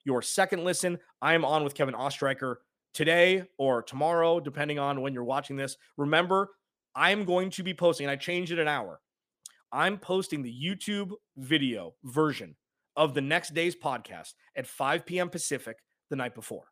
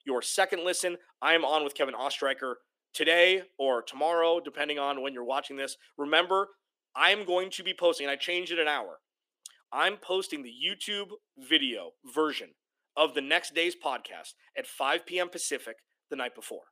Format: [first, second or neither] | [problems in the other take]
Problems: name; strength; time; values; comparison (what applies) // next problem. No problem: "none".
first | thin; somewhat; fading below 300 Hz